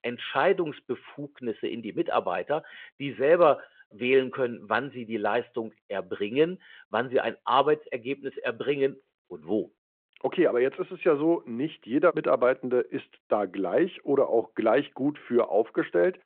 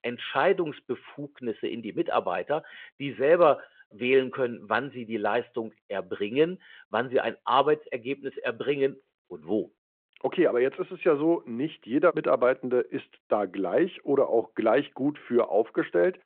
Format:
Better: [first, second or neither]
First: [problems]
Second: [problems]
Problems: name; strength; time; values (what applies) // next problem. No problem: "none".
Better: neither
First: phone-call audio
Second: phone-call audio